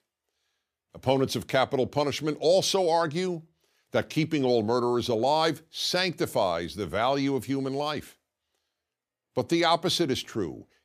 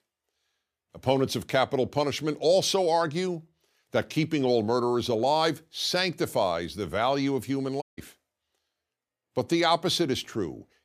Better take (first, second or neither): first